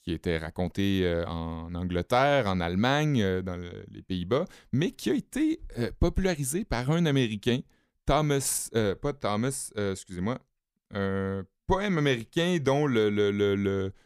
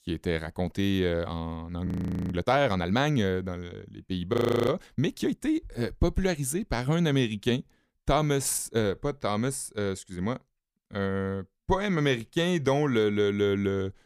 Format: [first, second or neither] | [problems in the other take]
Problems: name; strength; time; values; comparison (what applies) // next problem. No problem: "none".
first | audio freezing; at 2 s and at 4.5 s